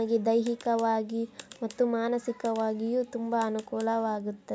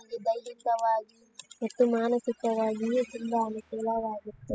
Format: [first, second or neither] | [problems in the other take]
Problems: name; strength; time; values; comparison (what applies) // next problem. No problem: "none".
first | noise reduction (classical method spectral subtraction)